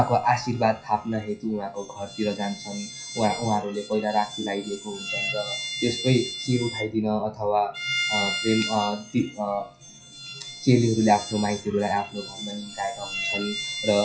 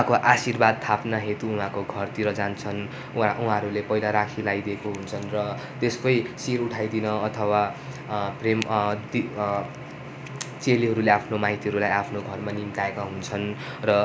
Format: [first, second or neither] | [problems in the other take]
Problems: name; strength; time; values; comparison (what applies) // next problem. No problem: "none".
second | noise reduction (classical method WPE with log-MMSE)